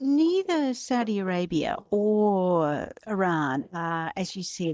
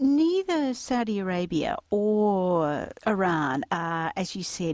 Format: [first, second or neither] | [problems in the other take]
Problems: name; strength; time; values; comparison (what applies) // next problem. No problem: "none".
second | noise reduction (neural mask model DeepFilterNet 3)